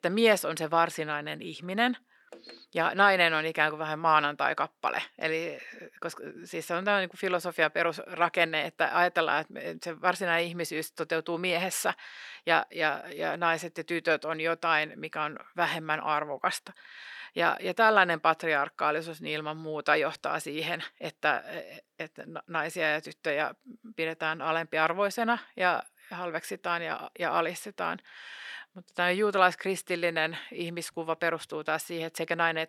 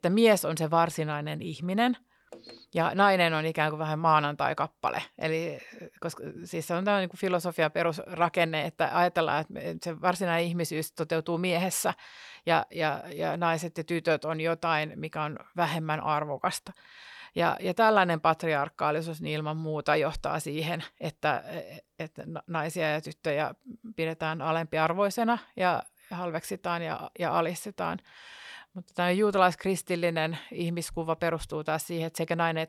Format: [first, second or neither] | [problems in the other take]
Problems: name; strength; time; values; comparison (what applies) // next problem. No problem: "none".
second | thin; very slightly; fading below 250 Hz